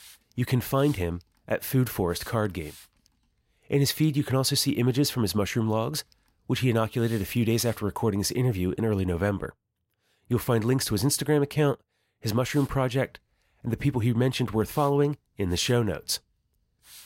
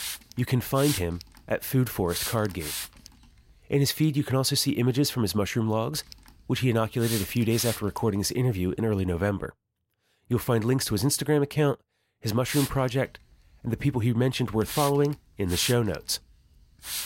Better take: first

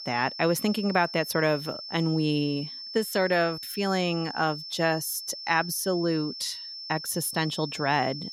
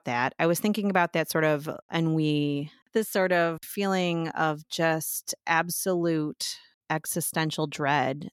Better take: second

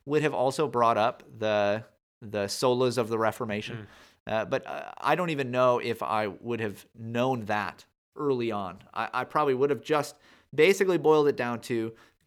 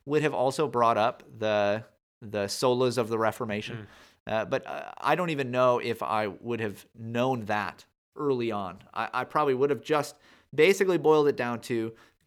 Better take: neither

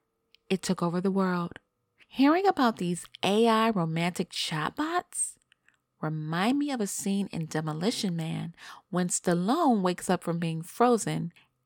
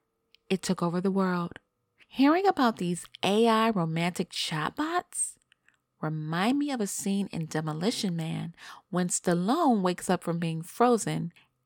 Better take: neither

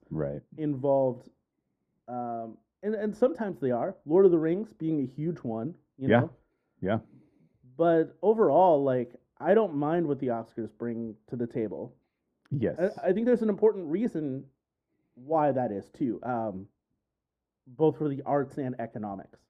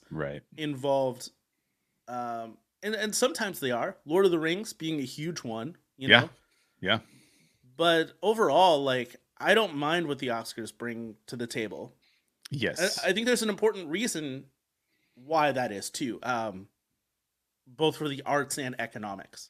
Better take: second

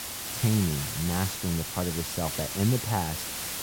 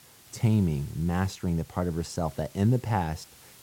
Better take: second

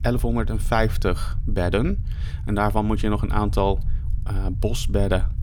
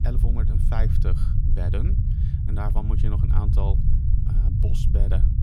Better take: first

